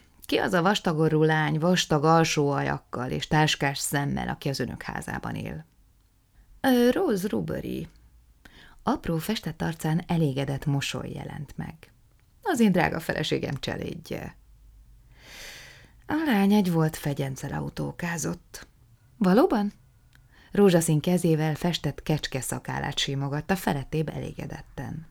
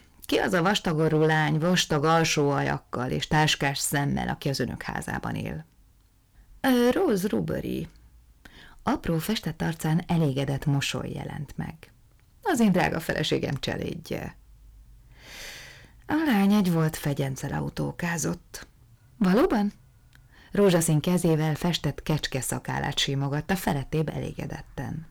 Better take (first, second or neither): first